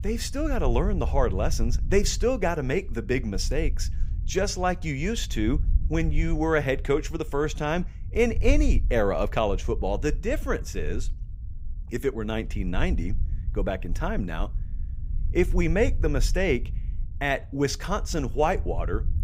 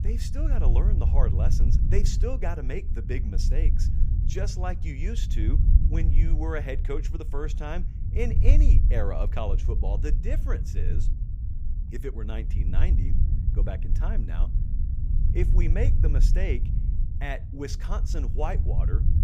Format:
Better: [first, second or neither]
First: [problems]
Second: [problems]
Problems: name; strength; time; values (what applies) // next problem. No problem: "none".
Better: first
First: low rumble; faint; throughout; 25 dB below the speech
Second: low rumble; loud; throughout; 7 dB below the speech